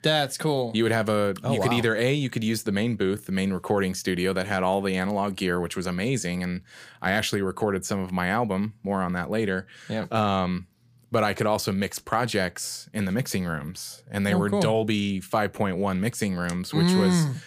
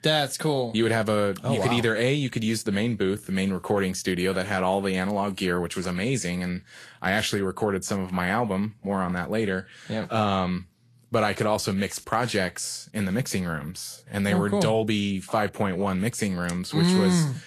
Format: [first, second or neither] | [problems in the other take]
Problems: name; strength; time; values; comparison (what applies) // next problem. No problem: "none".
first | garbled, watery; slightly; nothing above 12.5 kHz